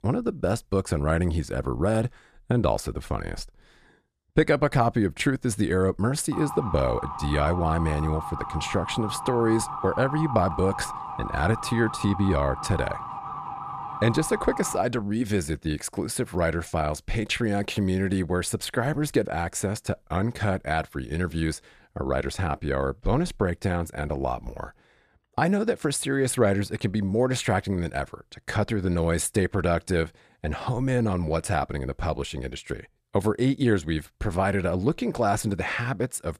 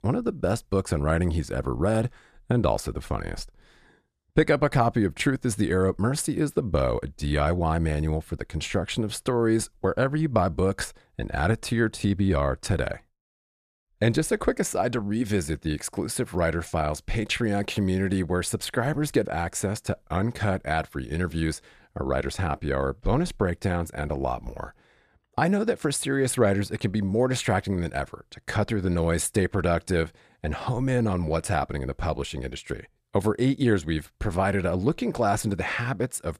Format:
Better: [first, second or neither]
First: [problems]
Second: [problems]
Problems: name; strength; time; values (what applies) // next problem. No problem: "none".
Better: second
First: siren; noticeable; from 6.5 to 15 s; peak 7 dB below the speech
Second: none